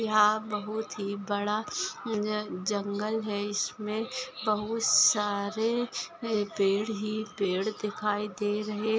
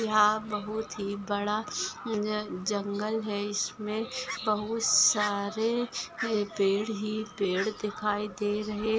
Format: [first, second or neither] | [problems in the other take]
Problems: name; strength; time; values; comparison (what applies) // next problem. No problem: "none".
first | background sound (Fowl); 16 dB below the speech